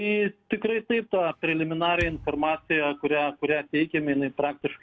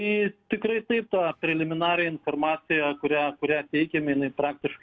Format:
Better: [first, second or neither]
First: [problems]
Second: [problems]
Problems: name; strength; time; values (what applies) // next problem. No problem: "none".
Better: second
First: background sound (Thump, thud); 14 dB below the speech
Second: none